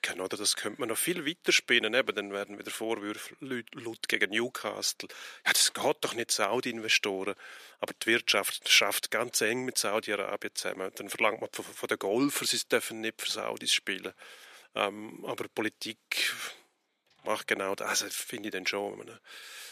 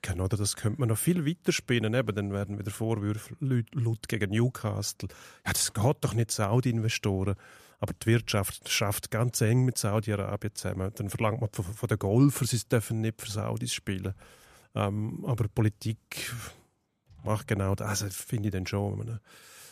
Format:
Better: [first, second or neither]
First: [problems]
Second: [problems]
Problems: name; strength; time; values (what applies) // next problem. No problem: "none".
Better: second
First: thin; very; fading below 350 Hz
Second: none